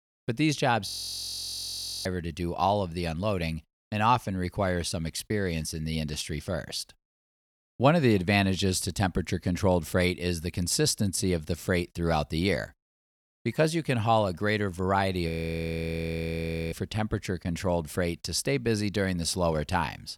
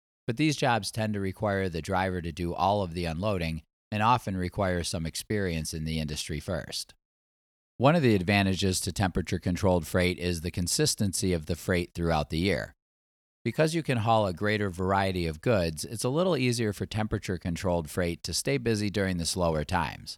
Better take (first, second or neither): second